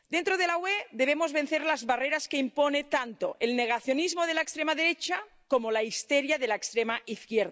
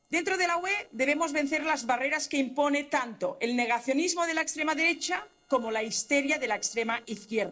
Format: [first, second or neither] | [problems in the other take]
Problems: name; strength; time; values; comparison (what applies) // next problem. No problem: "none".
first | noise reduction (neural separator model SepFormer DNS4)